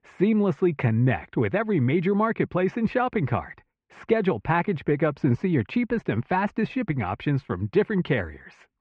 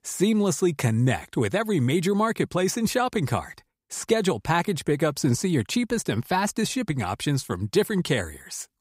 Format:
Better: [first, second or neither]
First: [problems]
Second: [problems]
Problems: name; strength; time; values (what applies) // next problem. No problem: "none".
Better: second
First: muffled; very; fading above 2.5 kHz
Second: none